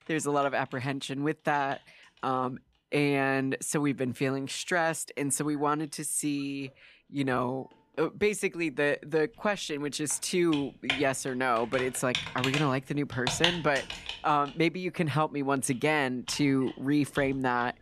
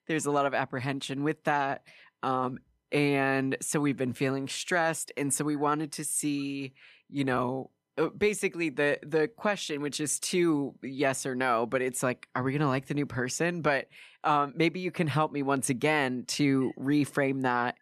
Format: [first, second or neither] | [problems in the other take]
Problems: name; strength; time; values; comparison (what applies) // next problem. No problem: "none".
second | household noises; loud; throughout; 5 dB below the speech